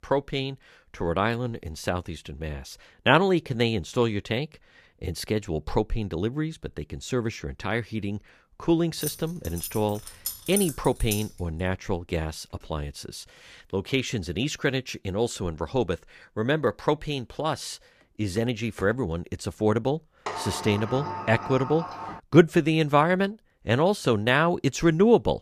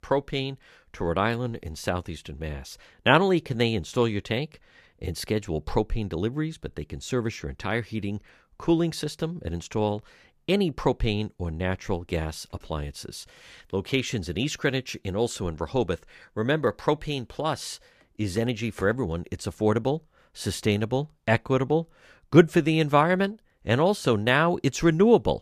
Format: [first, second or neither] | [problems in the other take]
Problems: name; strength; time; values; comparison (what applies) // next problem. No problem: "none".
second | jangling keys; noticeable; from 9 to 11 s; peak 3 dB below the speech // door banging; noticeable; from 20 to 22 s; peak 7 dB below the speech